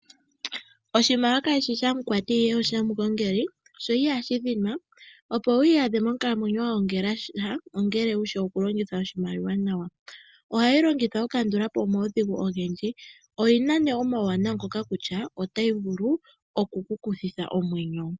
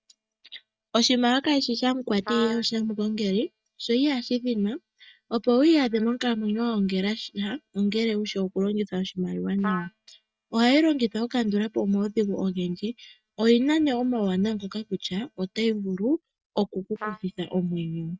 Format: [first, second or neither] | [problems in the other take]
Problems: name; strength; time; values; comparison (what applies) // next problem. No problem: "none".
first | noise reduction (neural mask model DeepFilterNet 3)